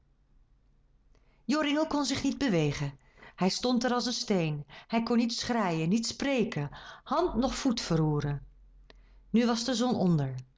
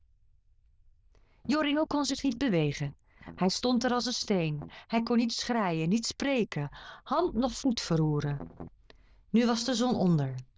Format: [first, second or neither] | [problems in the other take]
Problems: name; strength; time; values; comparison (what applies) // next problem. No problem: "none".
first | noise reduction (neural diffusion model UNIVERSE++)